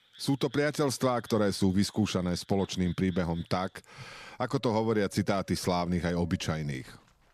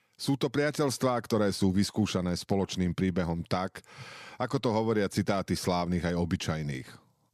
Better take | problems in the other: second | animal sounds; faint; throughout; 25 dB below the speech

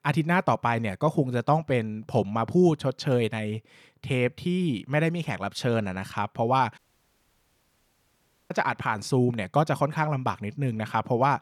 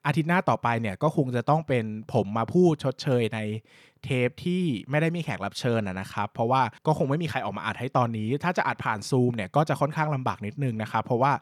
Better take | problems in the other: second | audio cutting out; at 7 s for 1.5 s

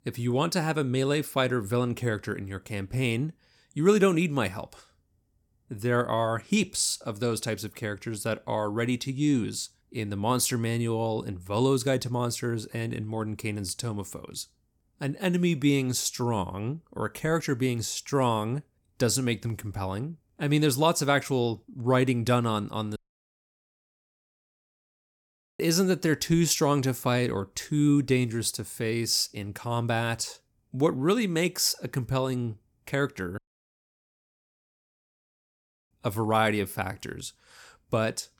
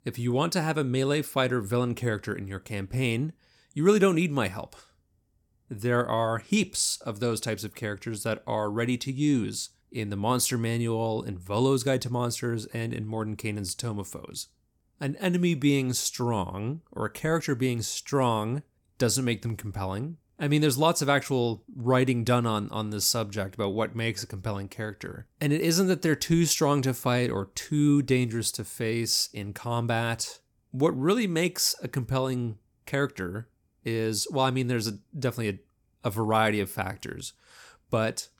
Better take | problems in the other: second | audio cutting out; at 23 s for 2.5 s and at 33 s for 2.5 s

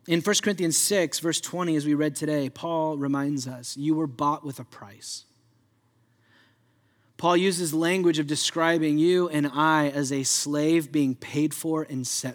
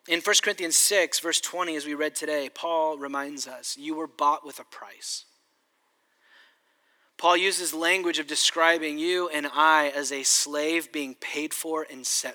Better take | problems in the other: first | thin; very; fading below 450 Hz

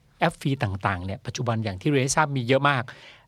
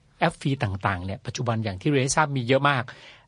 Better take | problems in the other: first | garbled, watery; slightly; nothing above 10 kHz

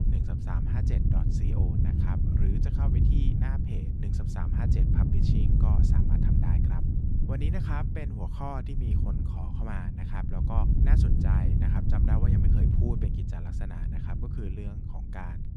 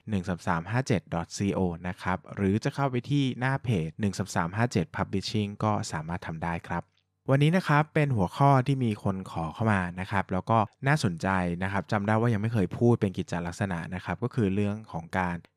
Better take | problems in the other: second | wind noise on the microphone; heavy; 3 dB above the speech

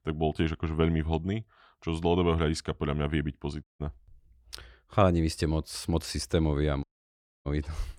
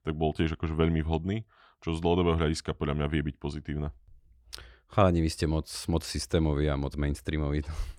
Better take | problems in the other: second | audio cutting out; at 3.5 s and at 7 s for 0.5 s

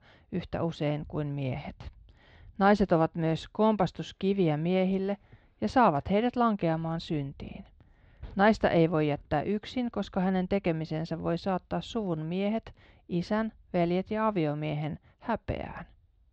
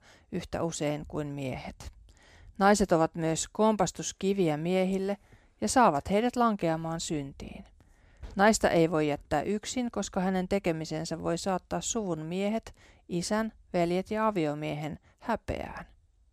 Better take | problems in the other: second | muffled; slightly; fading above 3.5 kHz

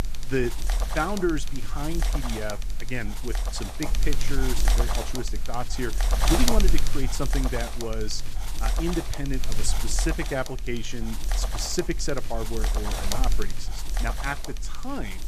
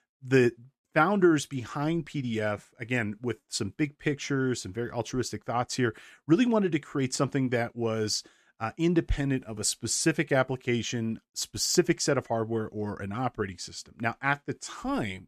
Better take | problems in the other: second | wind noise on the microphone; heavy; 2 dB below the speech

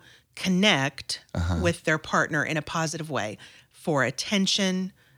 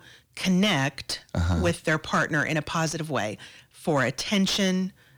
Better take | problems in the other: first | distortion; slight; 10 dB below the speech

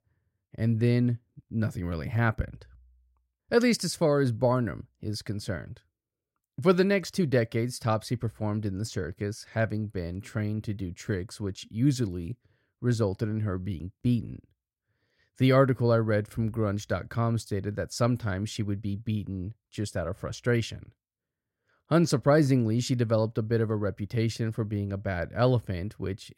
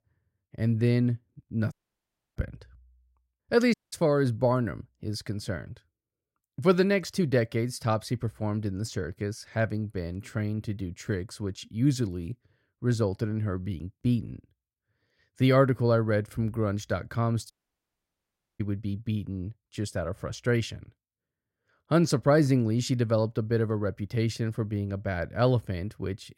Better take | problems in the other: first | audio cutting out; at 1.5 s for 0.5 s, at 3.5 s and at 18 s for 1 s

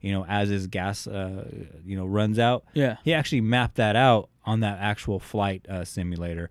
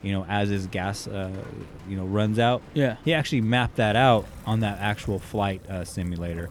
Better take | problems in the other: first | rain or running water; faint; throughout; 20 dB below the speech

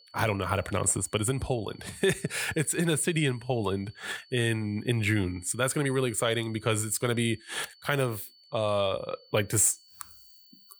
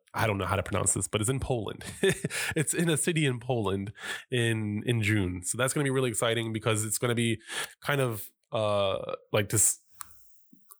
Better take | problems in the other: second | high-pitched whine; faint; throughout; 4.5 kHz, 25 dB below the speech

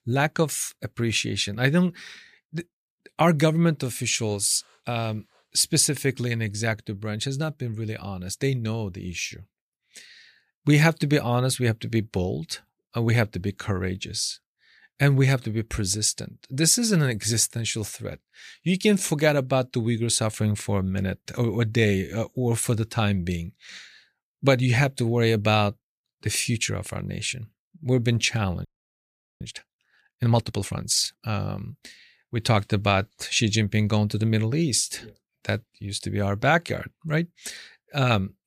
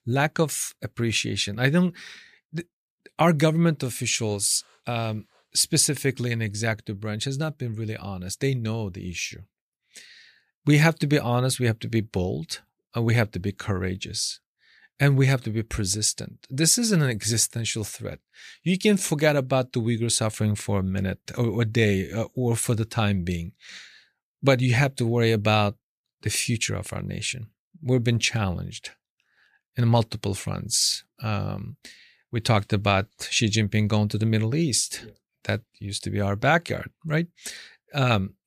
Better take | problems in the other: second | audio freezing; at 29 s for 1 s

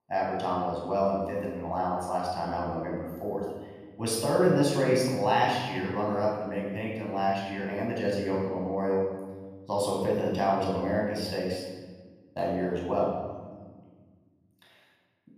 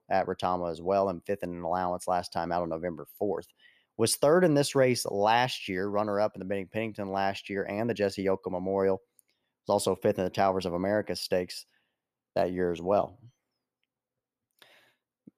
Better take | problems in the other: second | off-mic speech; far // room echo; noticeable; dies away in 1.5 s

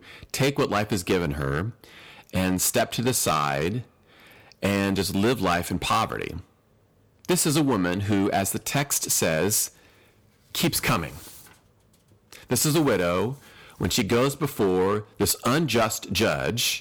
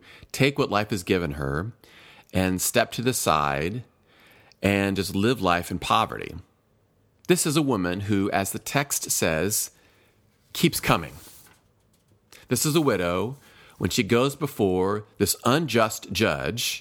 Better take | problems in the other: second | distortion; heavy; 8% of the sound clipped

